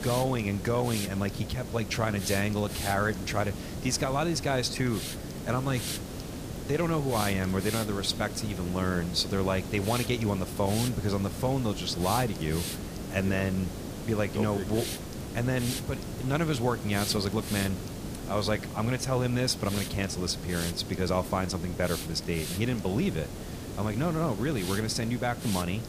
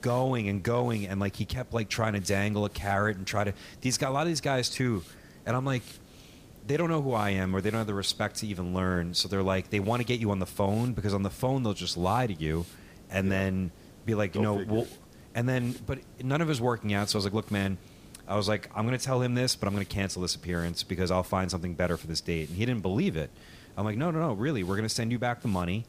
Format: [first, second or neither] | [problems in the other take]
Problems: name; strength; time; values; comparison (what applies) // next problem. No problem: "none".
second | hiss; loud; throughout; 7 dB below the speech; faint in the second